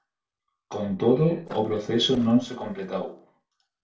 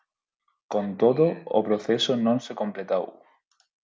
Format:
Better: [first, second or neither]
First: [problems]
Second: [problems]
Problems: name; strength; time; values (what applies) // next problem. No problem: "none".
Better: second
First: noise reduction (neural separator model SepFormer DNS4)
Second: none